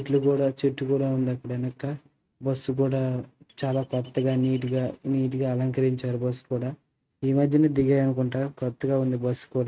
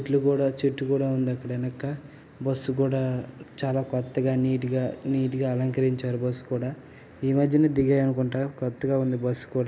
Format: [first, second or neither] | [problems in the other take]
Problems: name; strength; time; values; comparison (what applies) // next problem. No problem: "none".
second | noise reduction (neural mask model RNNoise)